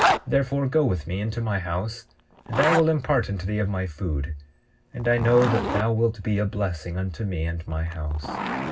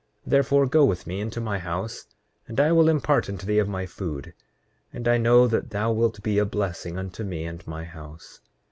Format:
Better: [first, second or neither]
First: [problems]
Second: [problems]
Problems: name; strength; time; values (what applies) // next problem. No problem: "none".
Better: second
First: background sound (Zipper (clothing)); 7 dB below the speech // room echo; dies away in 0.4 s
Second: none